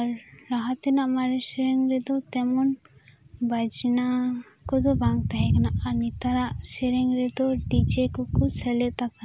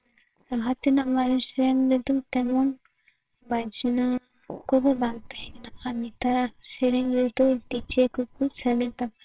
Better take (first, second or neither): first